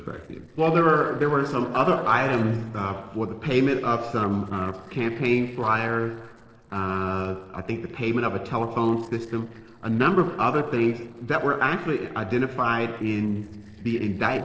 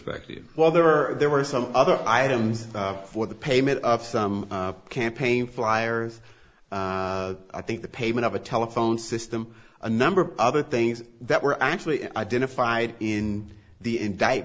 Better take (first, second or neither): second